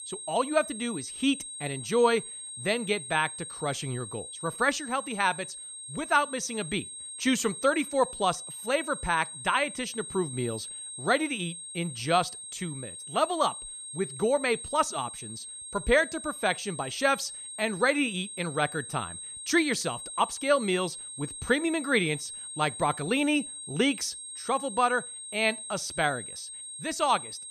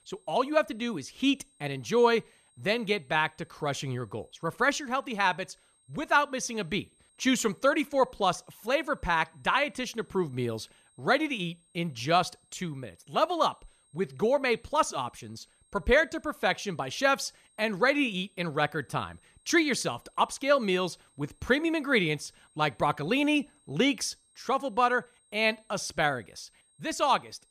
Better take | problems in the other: second | high-pitched whine; loud; throughout; 8.5 kHz, 9 dB below the speech; faint in the second

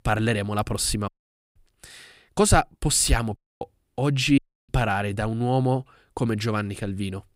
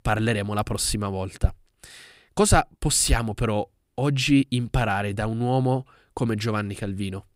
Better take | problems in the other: second | audio cutting out; at 1 s, at 3.5 s and at 4.5 s

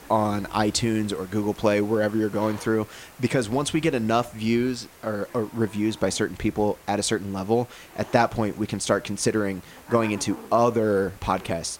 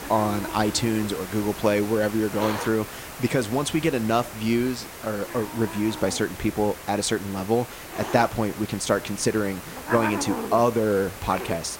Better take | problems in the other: first | hiss; loud; throughout; 10 dB below the speech; faint in the first

